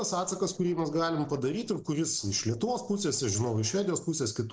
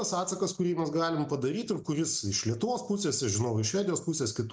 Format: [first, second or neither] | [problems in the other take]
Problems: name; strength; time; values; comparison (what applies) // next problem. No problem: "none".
second | noise reduction (neural separator model SepFormer DNS4)